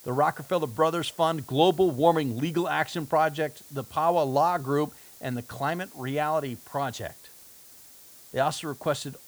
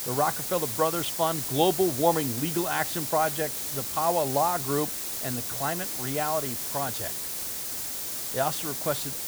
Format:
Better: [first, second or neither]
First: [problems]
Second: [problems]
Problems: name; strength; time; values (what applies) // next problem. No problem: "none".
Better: first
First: hiss; faint; throughout; 20 dB below the speech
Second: hiss; loud; throughout; 1 dB below the speech